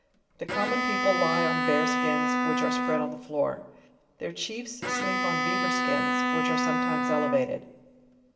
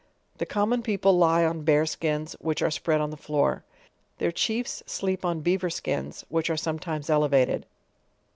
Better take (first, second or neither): second